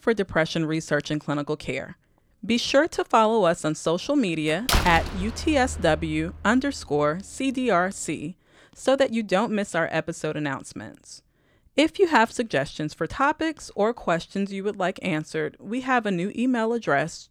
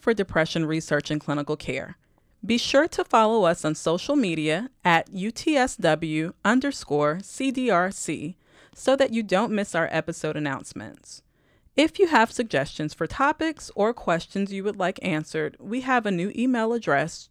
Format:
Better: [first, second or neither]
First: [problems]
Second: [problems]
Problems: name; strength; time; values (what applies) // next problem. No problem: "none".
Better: second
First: door banging; loud; from 4.5 to 6 s; peak 1 dB above the speech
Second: none